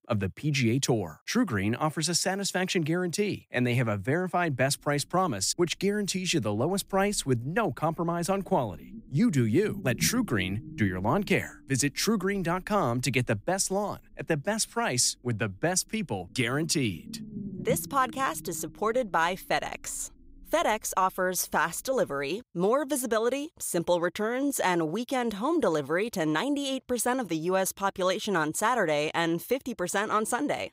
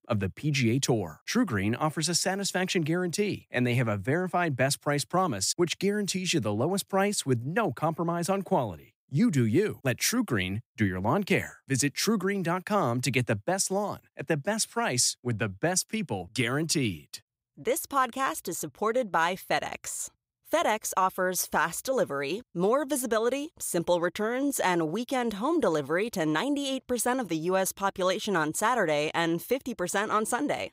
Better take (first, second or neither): second